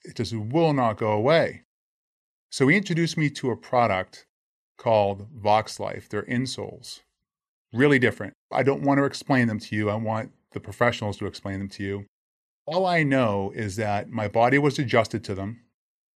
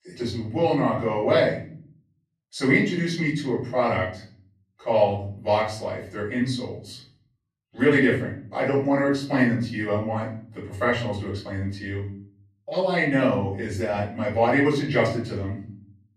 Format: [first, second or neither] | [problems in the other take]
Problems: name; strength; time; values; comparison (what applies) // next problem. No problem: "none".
first | off-mic speech; far // room echo; slight; dies away in 0.5 s